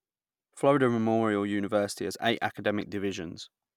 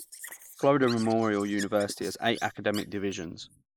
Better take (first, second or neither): first